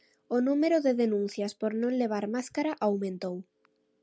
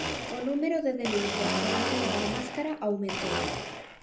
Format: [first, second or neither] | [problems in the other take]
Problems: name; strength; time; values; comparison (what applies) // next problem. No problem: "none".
first | background sound (Domestic sounds, home sounds); 1 dB below the speech // room echo; dies away in 0.5 s